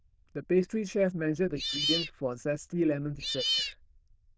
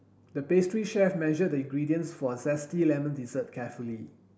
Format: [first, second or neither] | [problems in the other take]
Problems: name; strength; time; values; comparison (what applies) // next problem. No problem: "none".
second | noise reduction (neural diffusion model UNIVERSE++)